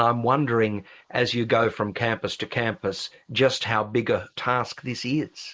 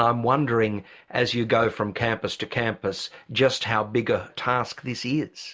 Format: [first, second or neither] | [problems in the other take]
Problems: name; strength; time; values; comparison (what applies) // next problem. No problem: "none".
second | noise reduction (neural mask model Resemble Enhance denoiser)